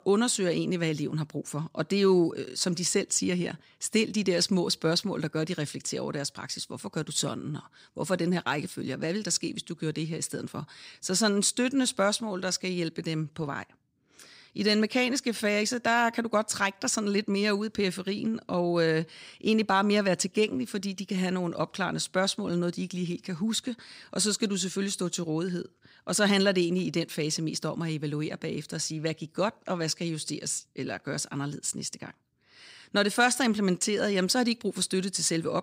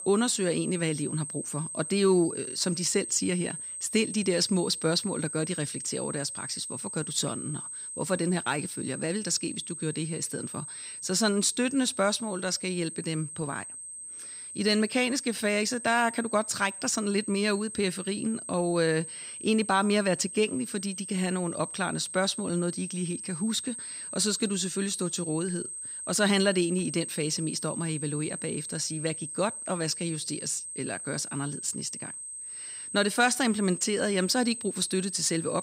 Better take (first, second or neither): first